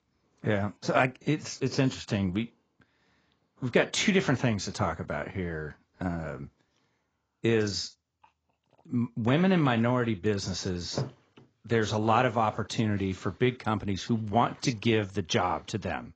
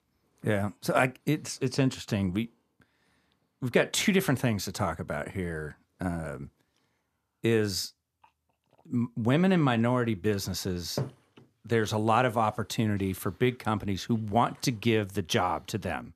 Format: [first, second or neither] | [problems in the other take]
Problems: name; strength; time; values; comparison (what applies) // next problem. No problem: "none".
second | garbled, watery; badly; nothing above 7.5 kHz